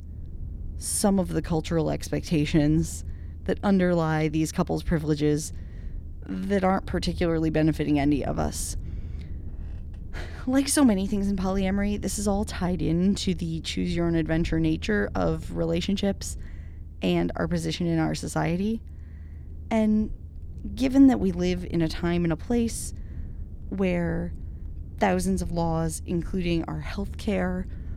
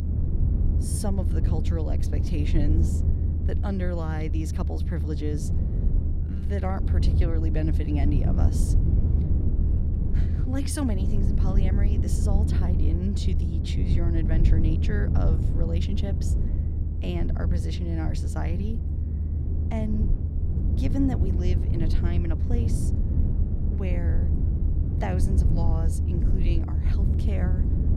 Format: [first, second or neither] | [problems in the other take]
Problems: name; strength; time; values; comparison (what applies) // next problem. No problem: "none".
first | low rumble; loud; throughout; 2 dB below the speech; faint in the first